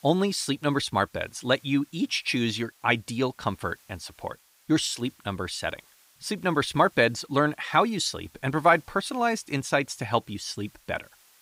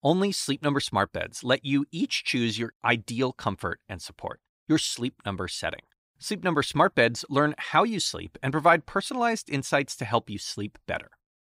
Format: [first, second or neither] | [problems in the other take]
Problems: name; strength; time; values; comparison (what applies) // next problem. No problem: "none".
second | hiss; faint; throughout; 30 dB below the speech